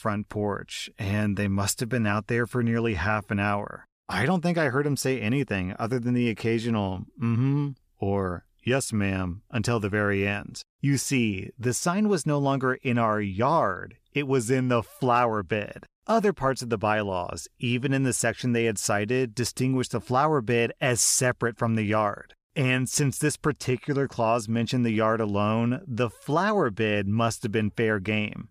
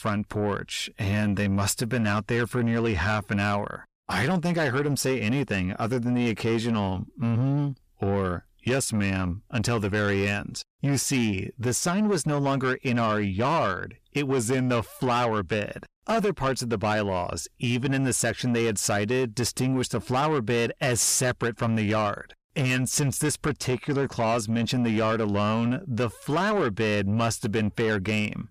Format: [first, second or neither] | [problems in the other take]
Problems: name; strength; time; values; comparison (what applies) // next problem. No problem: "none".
first | distortion; slight; 10 dB below the speech